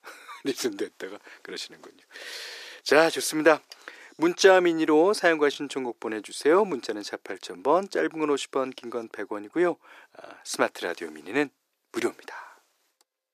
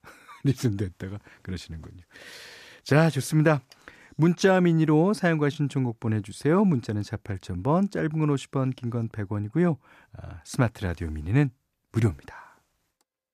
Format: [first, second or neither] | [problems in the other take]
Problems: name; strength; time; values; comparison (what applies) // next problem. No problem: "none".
second | thin; very; fading below 350 Hz